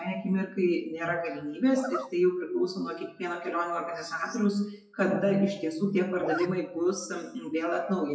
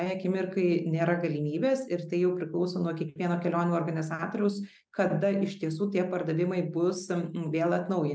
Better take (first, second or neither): second